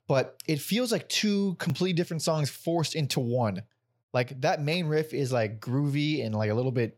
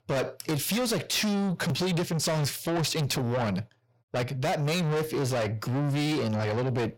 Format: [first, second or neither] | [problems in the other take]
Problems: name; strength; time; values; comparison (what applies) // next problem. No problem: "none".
first | distortion; heavy; 6 dB below the speech